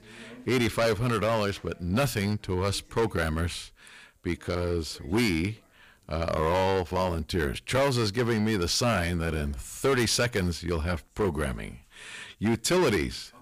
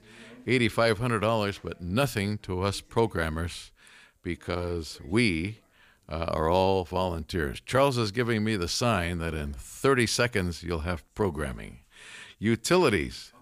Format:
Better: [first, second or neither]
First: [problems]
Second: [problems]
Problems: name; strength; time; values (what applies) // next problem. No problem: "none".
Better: second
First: distortion; heavy; 8% of the sound clipped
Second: none